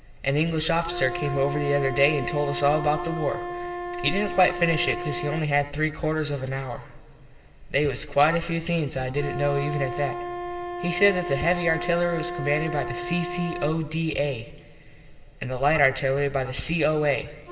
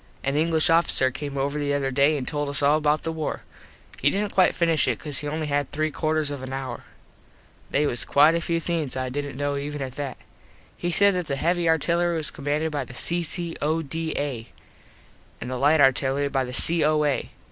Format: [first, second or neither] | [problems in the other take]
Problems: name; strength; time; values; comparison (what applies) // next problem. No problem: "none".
second | background sound (Wind instrument, woodwind instrument); 9 dB below the speech // room echo; dies away in 2.9 s